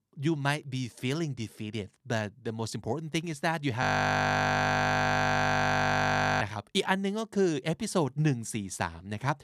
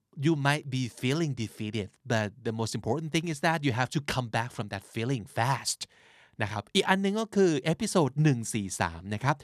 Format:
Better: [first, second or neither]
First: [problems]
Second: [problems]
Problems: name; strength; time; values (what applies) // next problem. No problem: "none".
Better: second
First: audio freezing; at 4 s for 2.5 s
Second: none